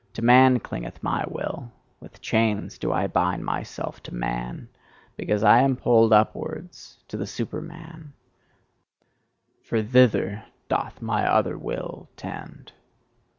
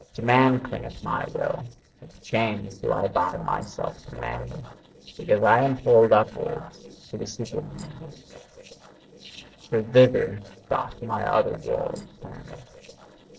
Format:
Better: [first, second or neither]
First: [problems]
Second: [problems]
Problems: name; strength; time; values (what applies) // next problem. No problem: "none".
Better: first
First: none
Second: noise reduction (neural separator model SepFormer DNS4)